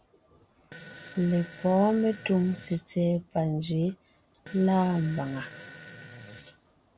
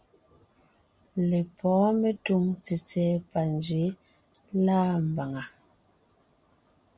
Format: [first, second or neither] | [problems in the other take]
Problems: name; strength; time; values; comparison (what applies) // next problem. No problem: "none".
second | background sound (Fart); 18 dB below the speech